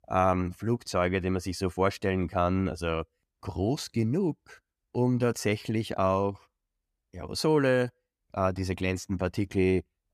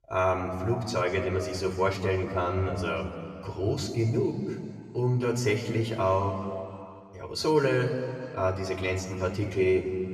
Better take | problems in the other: first | room echo; slight; dies away in 2.5 s // off-mic speech; somewhat distant

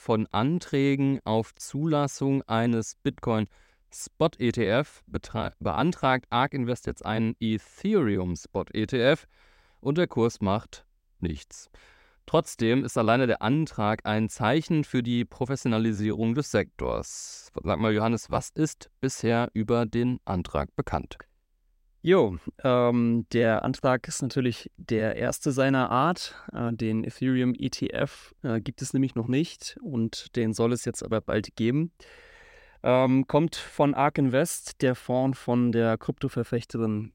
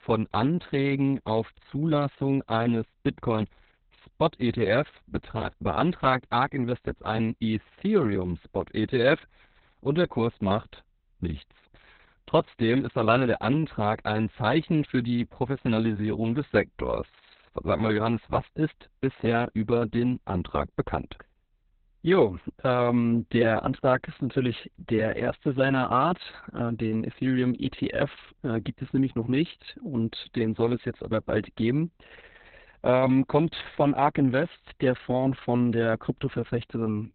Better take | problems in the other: first | garbled, watery; badly; nothing above 4 kHz

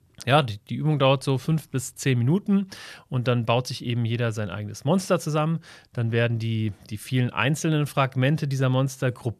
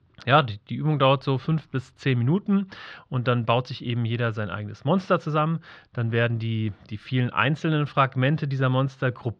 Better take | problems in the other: first | muffled; slightly; fading above 4 kHz

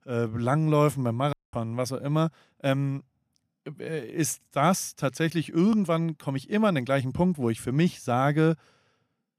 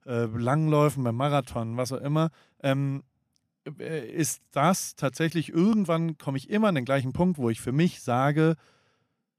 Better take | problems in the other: second | audio cutting out; at 1.5 s

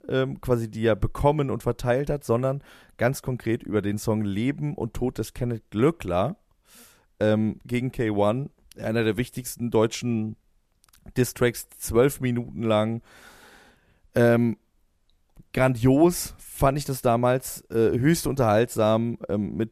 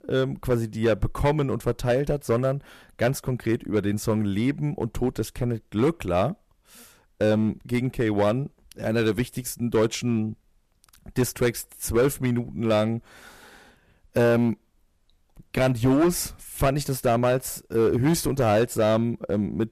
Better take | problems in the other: first | distortion; slight; 5% of the sound clipped

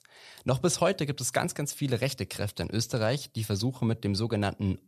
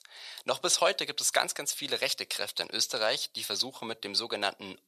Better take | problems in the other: first | thin; very; fading below 600 Hz

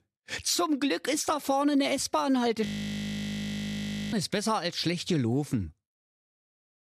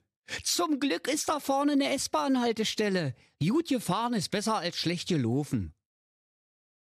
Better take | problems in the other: second | audio freezing; at 2.5 s for 1.5 s

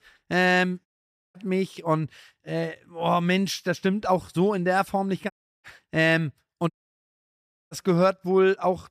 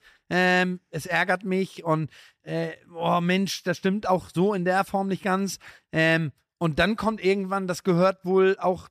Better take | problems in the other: second | audio cutting out; at 1 s, at 5.5 s and at 6.5 s for 1 s

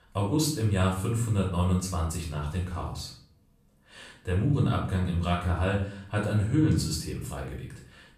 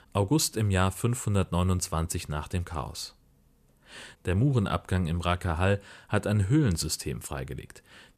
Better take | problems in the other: second | off-mic speech; far // room echo; noticeable; dies away in 0.5 s

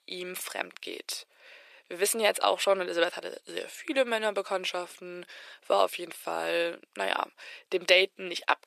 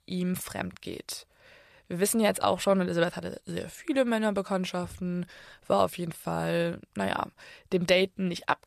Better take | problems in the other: second | thin; very; fading below 350 Hz

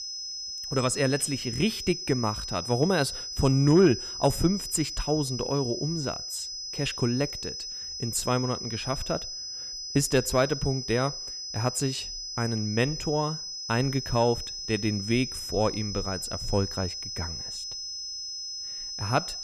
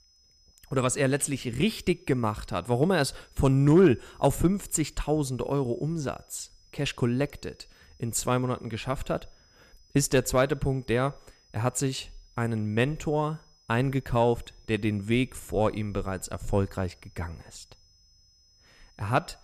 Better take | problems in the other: second | high-pitched whine; loud; throughout; 5 kHz, 6 dB below the speech; faint in the second

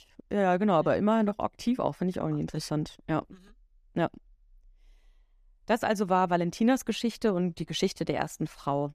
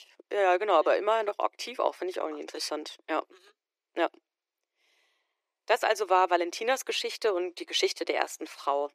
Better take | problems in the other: first | thin; very; fading below 350 Hz

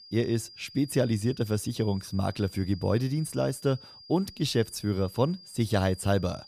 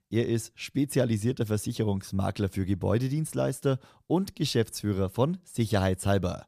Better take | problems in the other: second | high-pitched whine; noticeable; throughout; 5 kHz, 20 dB below the speech

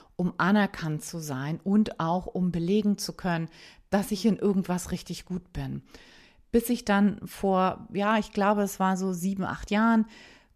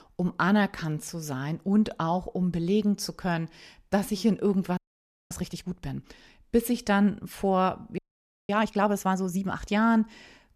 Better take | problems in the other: first | audio freezing; at 5 s for 0.5 s and at 8 s for 0.5 s

